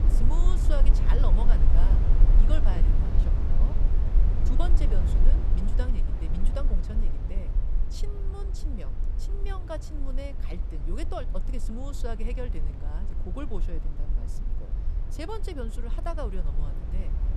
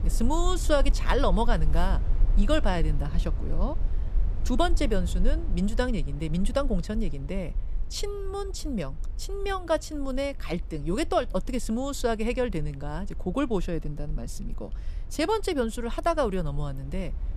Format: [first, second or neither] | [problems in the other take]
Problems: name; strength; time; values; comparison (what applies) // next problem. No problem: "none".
second | low rumble; loud; throughout; 4 dB below the speech; faint in the second